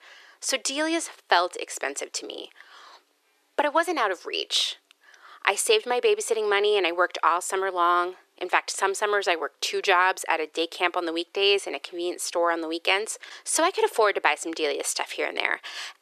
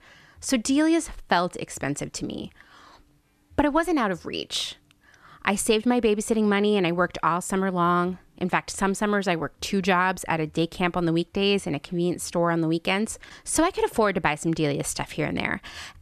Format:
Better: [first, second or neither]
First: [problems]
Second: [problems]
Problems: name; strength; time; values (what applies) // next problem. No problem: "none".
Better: second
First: thin; very; fading below 400 Hz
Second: none